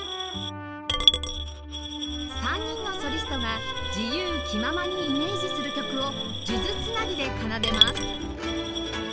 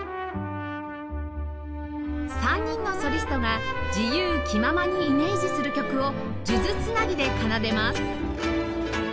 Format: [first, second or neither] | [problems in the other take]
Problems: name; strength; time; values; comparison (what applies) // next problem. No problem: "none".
second | background sound (Coin (dropping) / Glass); 1 dB below the speech